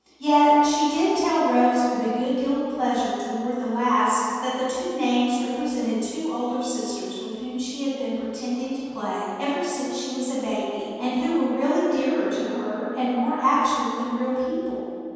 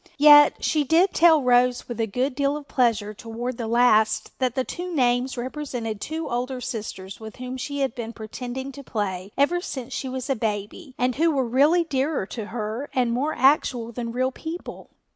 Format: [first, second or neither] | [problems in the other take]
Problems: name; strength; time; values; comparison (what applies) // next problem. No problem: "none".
second | room echo; dies away in 2.1 s